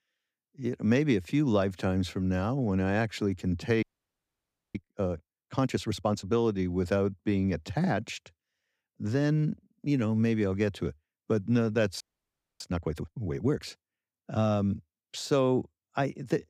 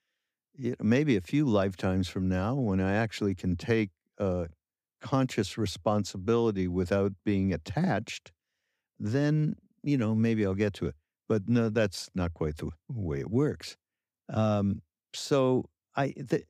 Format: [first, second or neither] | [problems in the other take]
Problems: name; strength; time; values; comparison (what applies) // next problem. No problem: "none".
second | audio freezing; at 4 s for 1 s and at 12 s for 0.5 s